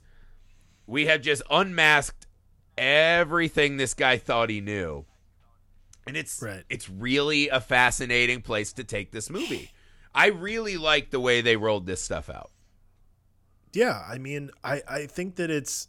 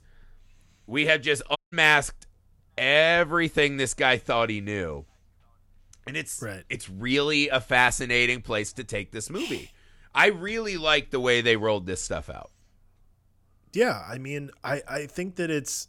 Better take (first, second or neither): first